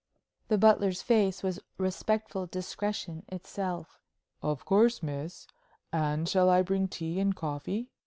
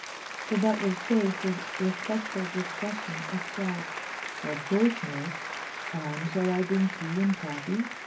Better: first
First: none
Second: background sound (Applause); 7 dB below the speech // room echo; dies away in 0.4 s

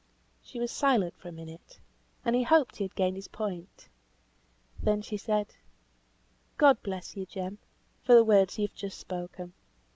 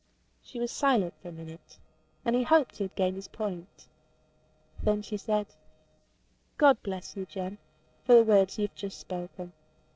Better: first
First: none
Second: noise reduction (neural separator model SepFormer DNS4)

